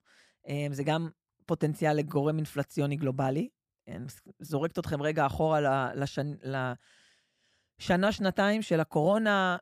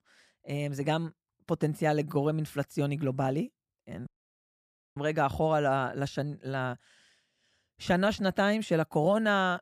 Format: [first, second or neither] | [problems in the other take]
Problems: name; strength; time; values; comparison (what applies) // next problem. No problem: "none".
first | audio cutting out; at 4 s for 1 s